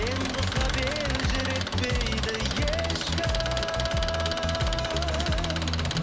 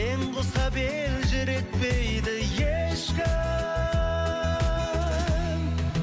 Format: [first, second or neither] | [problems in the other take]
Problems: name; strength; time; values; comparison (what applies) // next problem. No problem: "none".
second | background sound (Engine); 4 dB below the speech